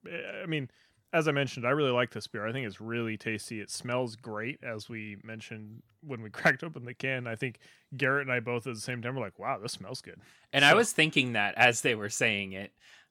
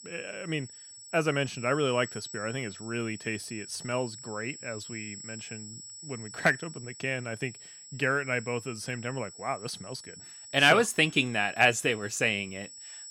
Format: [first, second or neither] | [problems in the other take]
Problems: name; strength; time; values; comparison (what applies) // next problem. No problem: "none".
first | high-pitched whine; noticeable; throughout; 8 kHz, 15 dB below the speech